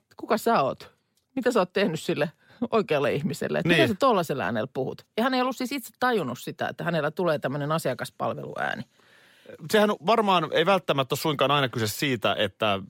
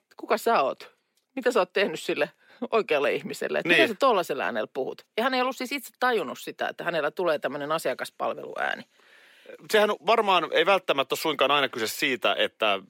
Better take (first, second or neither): first